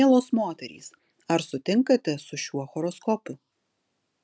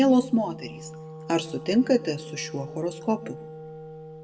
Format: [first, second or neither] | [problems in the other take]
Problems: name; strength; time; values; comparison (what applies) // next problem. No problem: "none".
first | background sound (Wind instrument, woodwind instrument); 14 dB below the speech // room echo; dies away in 0.5 s